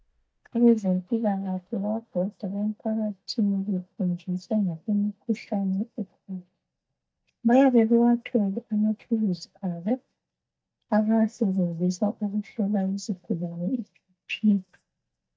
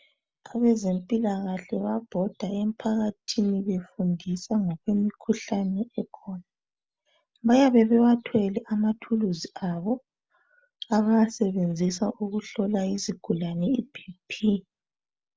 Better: second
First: noise reduction (neural mask model DeepFilterNet 3)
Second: none

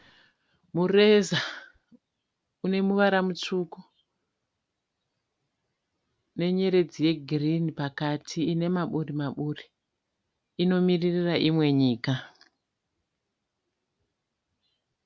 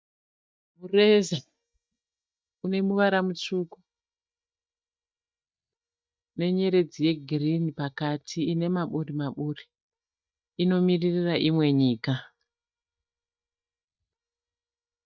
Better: first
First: none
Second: noise reduction (neural mask model DeepFilterNet 3)

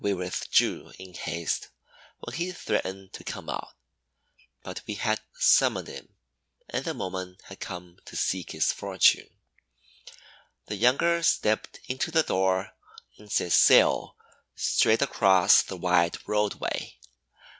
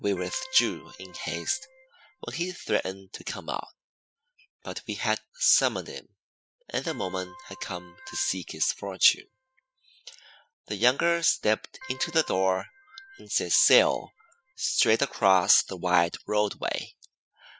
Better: first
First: none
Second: noise reduction (classical method spectral subtraction)

